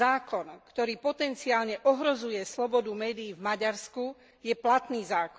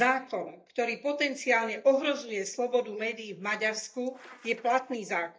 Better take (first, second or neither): first